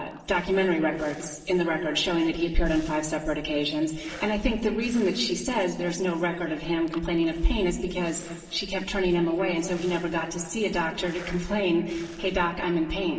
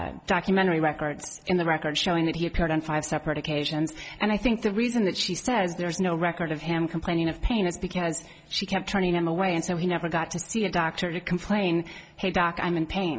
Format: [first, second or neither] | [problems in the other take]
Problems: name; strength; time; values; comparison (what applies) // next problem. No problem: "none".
second | noise reduction (neural separator model SepFormer DNS4)